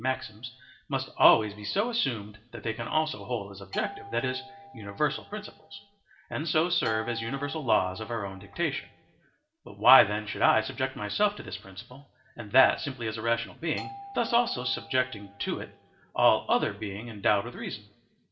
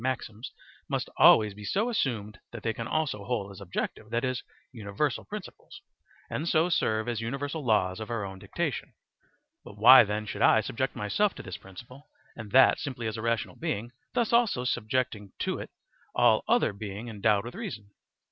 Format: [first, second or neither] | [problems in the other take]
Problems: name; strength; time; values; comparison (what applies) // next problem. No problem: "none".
second | background sound (Doorbell); 16 dB below the speech // room echo; dies away in 0.5 s